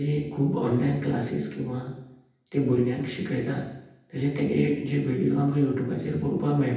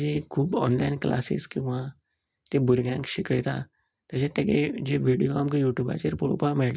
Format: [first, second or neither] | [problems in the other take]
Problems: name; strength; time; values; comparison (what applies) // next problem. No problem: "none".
second | room echo; dies away in 0.9 s